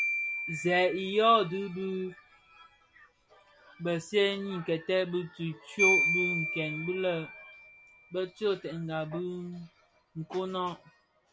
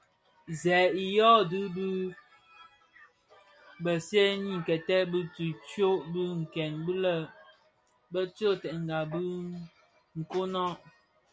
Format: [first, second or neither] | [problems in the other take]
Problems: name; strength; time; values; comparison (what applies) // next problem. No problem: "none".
second | background sound (Marimba, xylophone); 5 dB below the speech